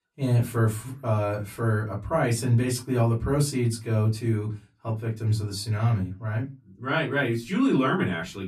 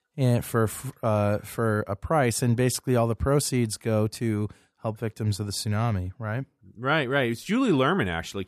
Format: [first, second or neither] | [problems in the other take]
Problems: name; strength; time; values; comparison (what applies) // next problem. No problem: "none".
second | off-mic speech; far // room echo; very slight; dies away in 0.2 s